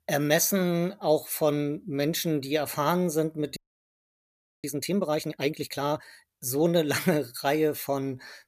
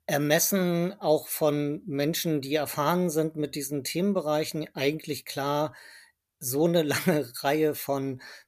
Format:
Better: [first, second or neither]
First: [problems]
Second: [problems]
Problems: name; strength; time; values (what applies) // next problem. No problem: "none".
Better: second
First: audio freezing; at 3.5 s for 1 s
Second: none